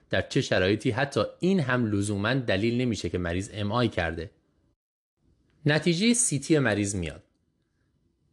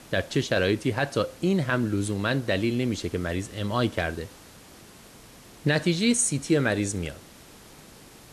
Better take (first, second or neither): first